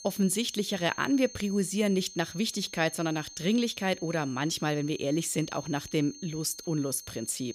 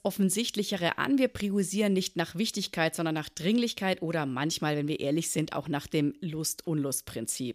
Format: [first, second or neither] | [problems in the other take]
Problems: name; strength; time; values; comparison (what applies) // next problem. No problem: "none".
second | high-pitched whine; noticeable; throughout; 6.5 kHz, 15 dB below the speech